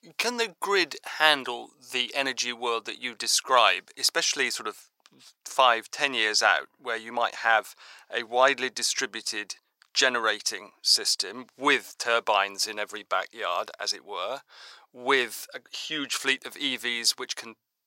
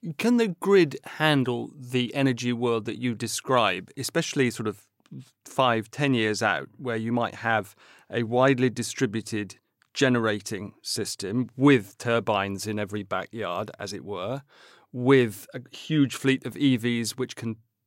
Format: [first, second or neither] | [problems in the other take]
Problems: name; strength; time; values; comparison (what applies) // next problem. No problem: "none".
second | thin; very; fading below 800 Hz